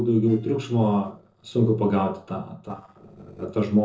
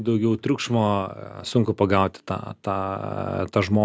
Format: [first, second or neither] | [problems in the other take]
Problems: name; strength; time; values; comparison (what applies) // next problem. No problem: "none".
second | noise reduction (neural separator model SepFormer DNS4)